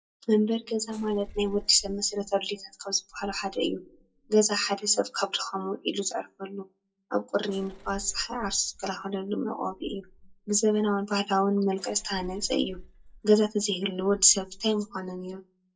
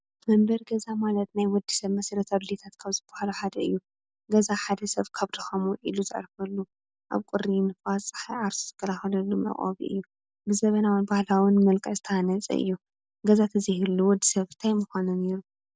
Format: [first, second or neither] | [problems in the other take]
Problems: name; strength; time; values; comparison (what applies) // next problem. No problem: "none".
second | noise reduction (classical method WPE with log-MMSE)